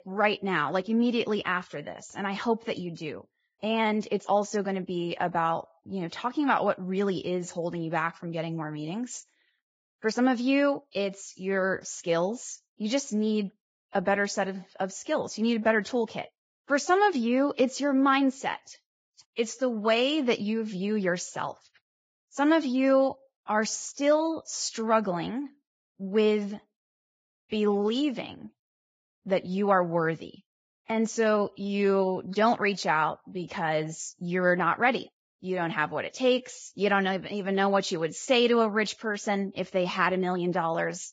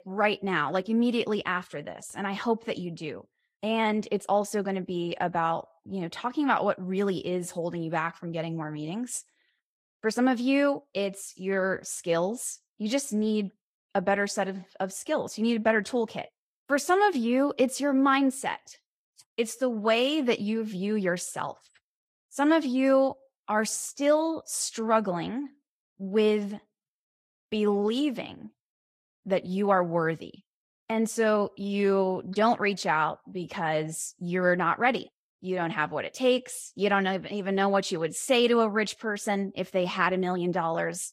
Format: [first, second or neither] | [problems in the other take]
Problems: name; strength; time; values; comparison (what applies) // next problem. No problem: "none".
second | garbled, watery; badly; nothing above 7.5 kHz; slightly in the second